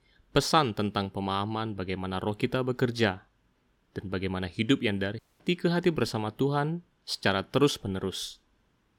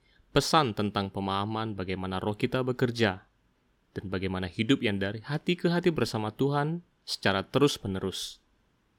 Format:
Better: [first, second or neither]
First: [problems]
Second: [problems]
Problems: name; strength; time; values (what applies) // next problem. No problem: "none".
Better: second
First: audio cutting out; at 5 s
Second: none